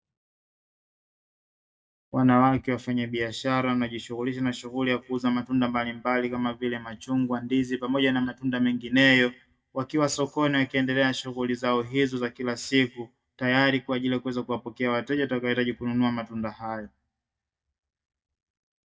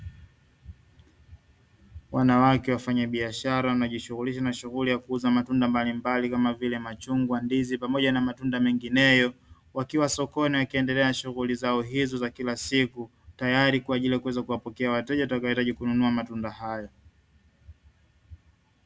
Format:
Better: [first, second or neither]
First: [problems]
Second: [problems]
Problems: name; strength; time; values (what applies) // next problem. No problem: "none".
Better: second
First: noise reduction (neural mask model DeepFilterNet 3)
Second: none